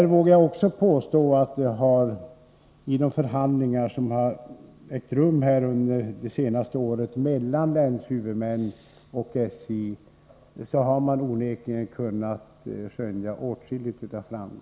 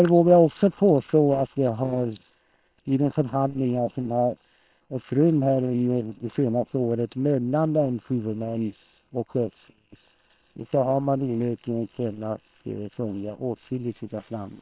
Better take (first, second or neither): first